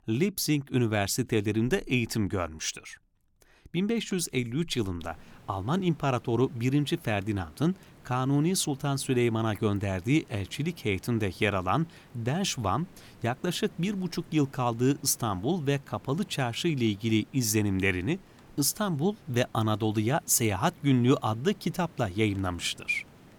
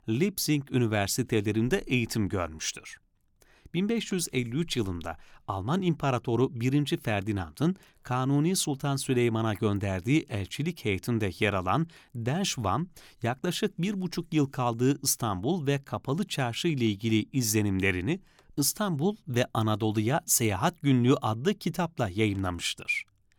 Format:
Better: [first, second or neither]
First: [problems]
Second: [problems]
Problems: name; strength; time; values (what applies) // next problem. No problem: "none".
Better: second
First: hiss; faint; from 5 s on; 25 dB below the speech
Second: none